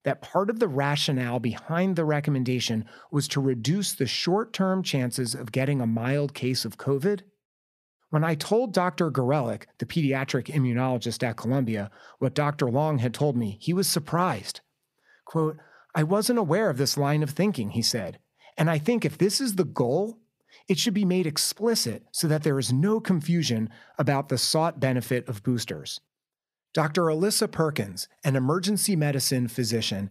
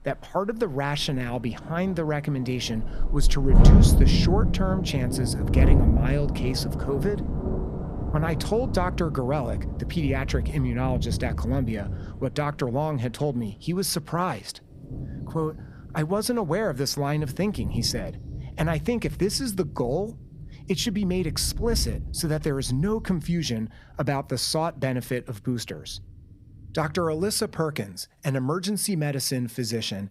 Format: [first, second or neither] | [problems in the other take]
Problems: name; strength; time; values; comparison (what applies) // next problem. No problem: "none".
first | rain or running water; very loud; throughout; 1 dB above the speech